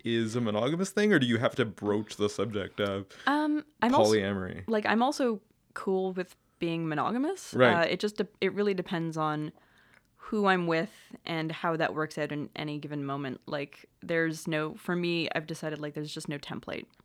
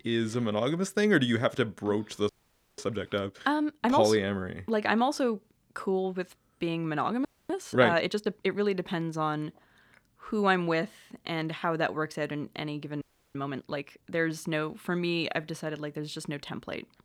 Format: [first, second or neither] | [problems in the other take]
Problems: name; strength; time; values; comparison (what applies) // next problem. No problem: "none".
first | audio freezing; at 2.5 s, at 7.5 s and at 13 s